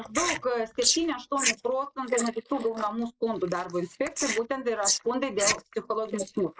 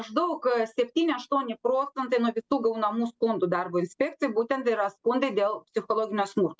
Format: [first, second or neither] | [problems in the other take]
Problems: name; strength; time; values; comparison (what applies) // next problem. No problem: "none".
second | noise reduction (neural mask model Resemble Enhance denoiser)